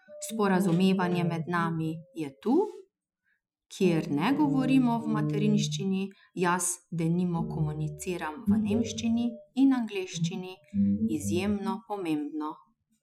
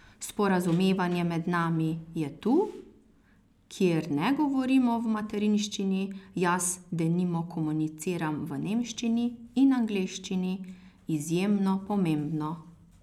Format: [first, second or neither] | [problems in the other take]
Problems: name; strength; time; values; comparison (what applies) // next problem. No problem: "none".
second | noise reduction (classical method Wiener filter)